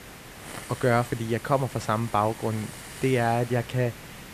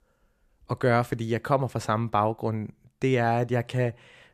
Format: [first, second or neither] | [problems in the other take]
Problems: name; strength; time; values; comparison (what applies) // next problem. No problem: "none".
second | hiss; noticeable; throughout; 15 dB below the speech